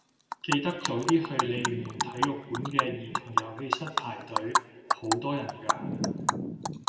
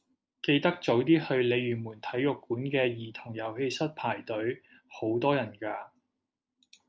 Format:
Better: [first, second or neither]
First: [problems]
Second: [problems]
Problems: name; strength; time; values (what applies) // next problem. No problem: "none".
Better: second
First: background sound (Animal); 2 dB above the speech // room echo; dies away in 2 s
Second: none